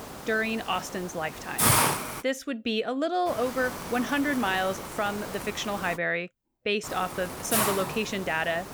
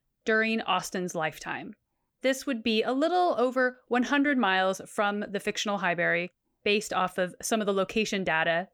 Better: second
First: hiss; loud; until 2 s, from 3.5 to 6 s and from 7 s on; as loud as the speech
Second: none

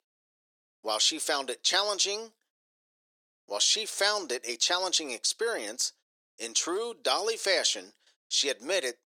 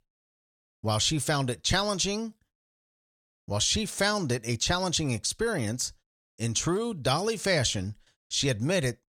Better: second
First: thin; very; fading below 350 Hz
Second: none

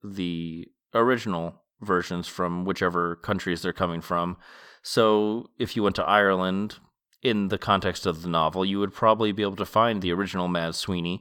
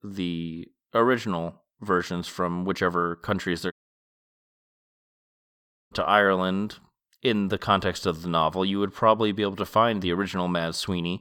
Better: first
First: none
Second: audio cutting out; at 3.5 s for 2 s

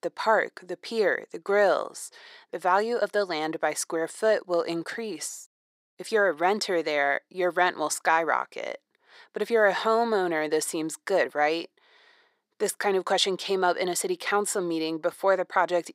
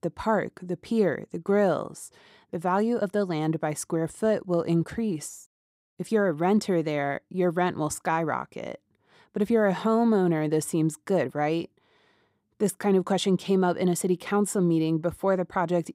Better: second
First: thin; very; fading below 550 Hz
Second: none

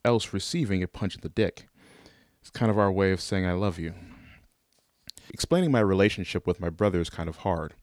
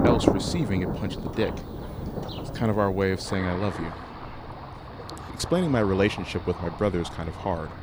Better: first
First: none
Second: rain or running water; loud; throughout; 6 dB below the speech

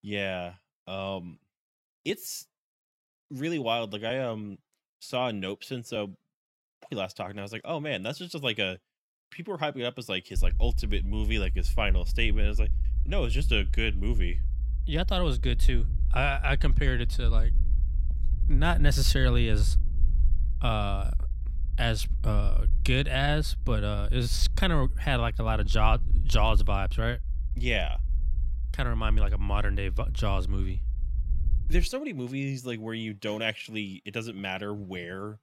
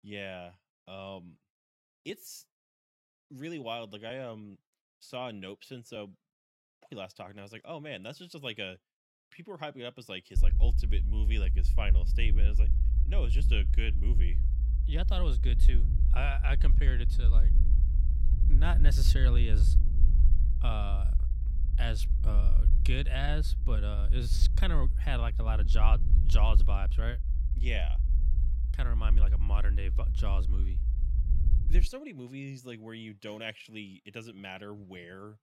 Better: first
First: low rumble; faint; from 10 to 32 s; 20 dB below the speech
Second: low rumble; loud; from 10 to 32 s; 10 dB below the speech

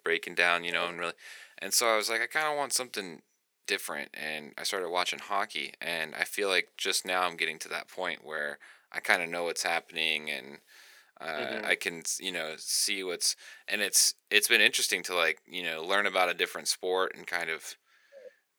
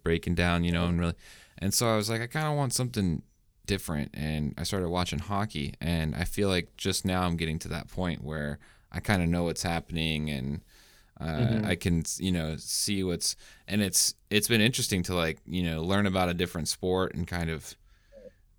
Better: second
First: thin; very; fading below 400 Hz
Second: none

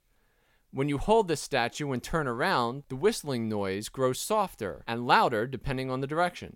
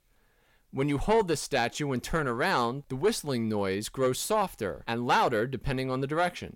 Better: first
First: none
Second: distortion; slight; 10 dB below the speech

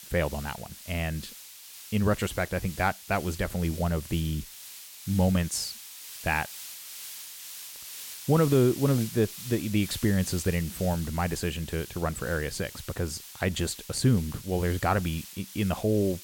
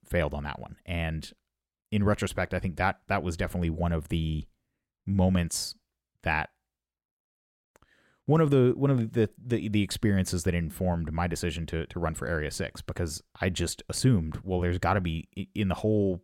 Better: second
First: hiss; noticeable; throughout; 10 dB below the speech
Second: none

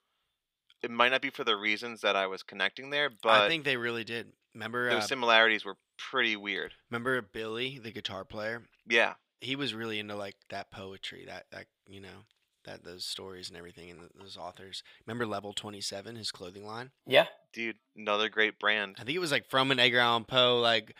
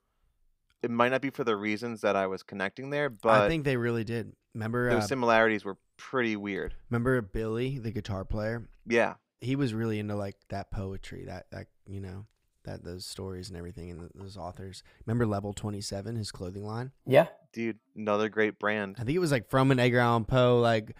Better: second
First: thin; somewhat; fading below 950 Hz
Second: none

